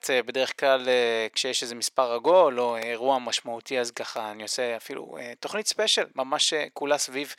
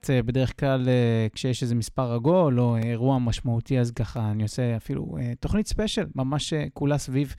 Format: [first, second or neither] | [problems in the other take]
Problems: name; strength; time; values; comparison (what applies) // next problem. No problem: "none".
second | thin; very; fading below 500 Hz